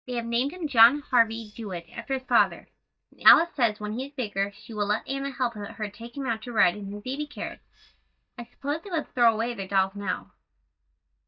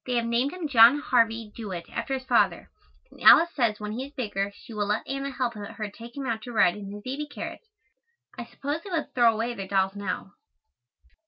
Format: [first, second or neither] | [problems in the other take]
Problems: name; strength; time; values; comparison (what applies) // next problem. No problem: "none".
second | noise reduction (neural mask model DeepFilterNet 3)